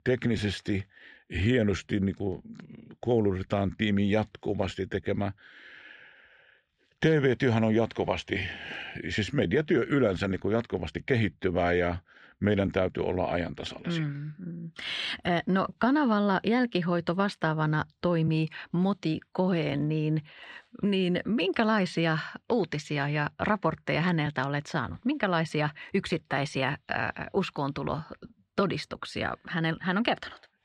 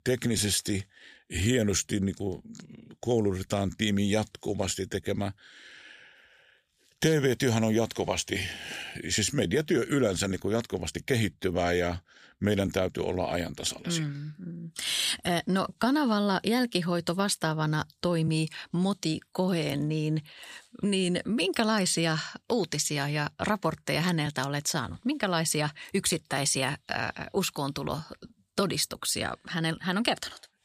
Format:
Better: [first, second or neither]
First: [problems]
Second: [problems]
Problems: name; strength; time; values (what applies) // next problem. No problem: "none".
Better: second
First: muffled; slightly; fading above 2 kHz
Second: none